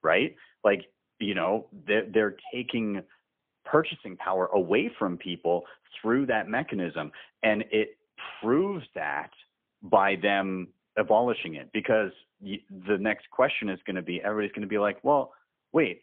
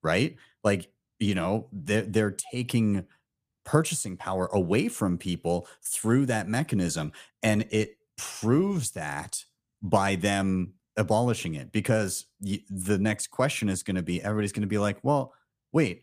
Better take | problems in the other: second | phone-call audio; poor line; nothing above 3.5 kHz

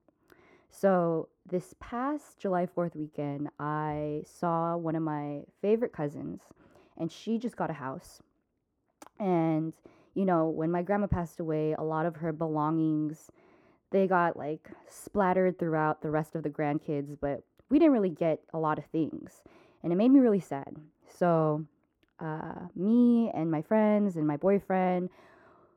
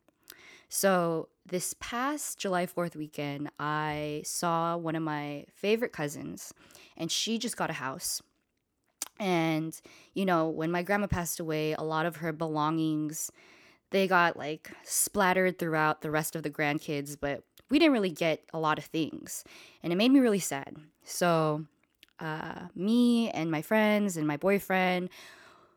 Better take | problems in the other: second | muffled; very; fading above 2 kHz

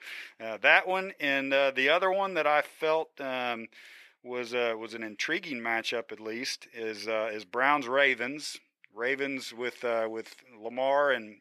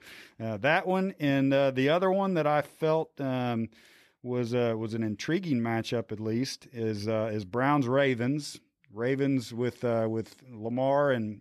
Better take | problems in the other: second | thin; somewhat; fading below 450 Hz

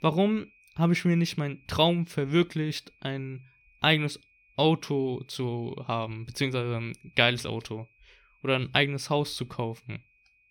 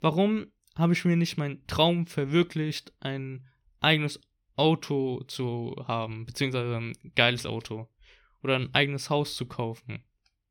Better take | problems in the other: second | high-pitched whine; faint; throughout; 2.5 kHz, 35 dB below the speech

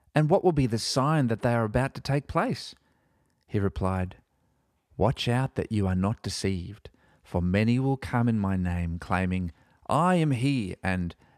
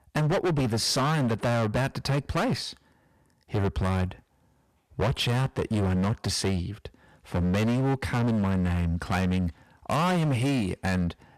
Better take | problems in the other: first | distortion; heavy; 24% of the sound clipped

